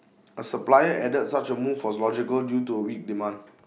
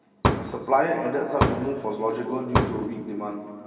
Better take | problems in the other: first | background sound (Fireworks); 1 dB below the speech // room echo; dies away in 2.4 s

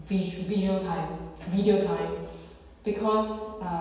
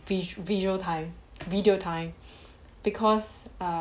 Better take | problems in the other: second | room echo; dies away in 1.2 s

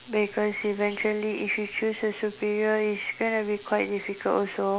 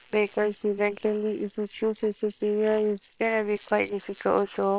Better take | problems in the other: first | noise reduction (neural separator model SepFormer WHAM!)

